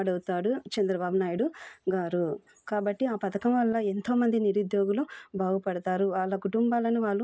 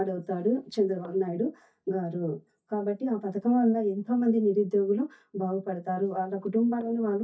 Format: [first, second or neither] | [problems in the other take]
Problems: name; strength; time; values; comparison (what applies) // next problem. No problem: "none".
first | noise reduction (neural mask model DeepFilterNet 3)